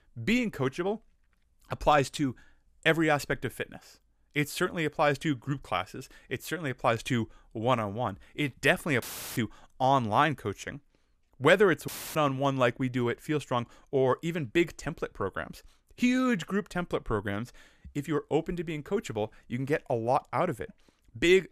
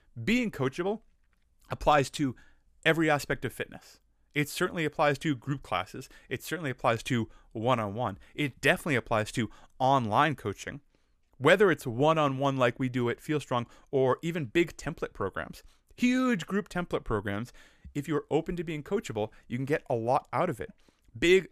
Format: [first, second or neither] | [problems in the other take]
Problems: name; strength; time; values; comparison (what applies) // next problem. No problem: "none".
second | audio cutting out; filled with static; at 9 s and at 12 s